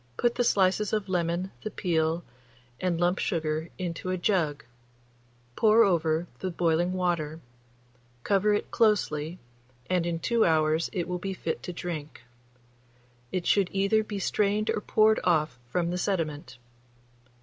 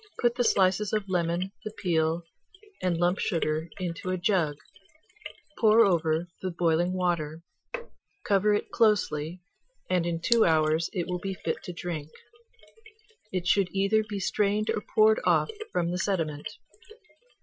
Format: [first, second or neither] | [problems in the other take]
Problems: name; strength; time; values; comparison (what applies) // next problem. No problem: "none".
first | noise reduction (classical method Wiener filter)